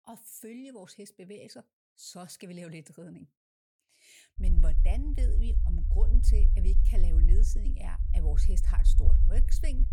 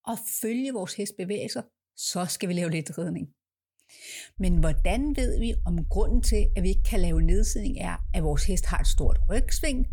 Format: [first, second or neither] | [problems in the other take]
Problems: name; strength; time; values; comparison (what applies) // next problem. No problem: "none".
second | low rumble; loud; from 4.5 s on; 4 dB below the speech; faint in the second